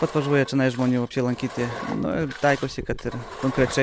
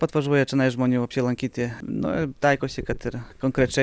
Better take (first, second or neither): second